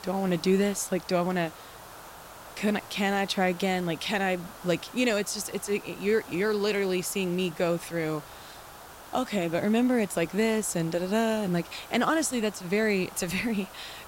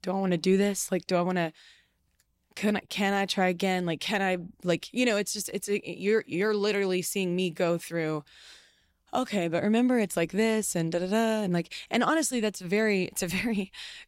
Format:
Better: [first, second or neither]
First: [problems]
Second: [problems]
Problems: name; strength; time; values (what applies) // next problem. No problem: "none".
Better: second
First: hiss; noticeable; throughout; 15 dB below the speech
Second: none